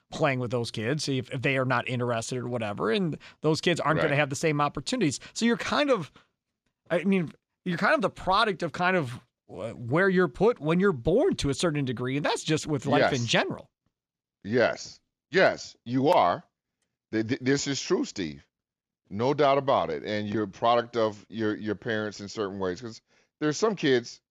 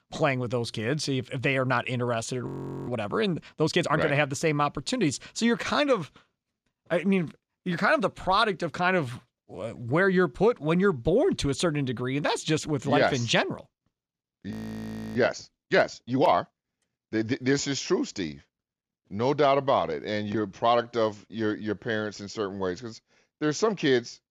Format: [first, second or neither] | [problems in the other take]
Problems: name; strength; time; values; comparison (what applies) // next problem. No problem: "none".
first | audio freezing; at 2.5 s and at 15 s for 0.5 s